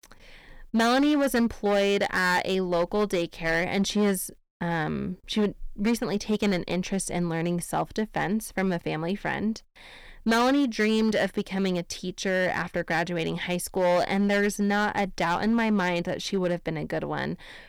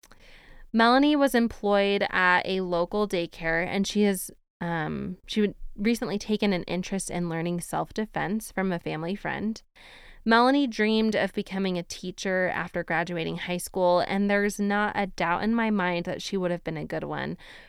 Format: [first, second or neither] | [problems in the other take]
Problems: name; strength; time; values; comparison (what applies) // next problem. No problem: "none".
second | distortion; slight; 7% of the sound clipped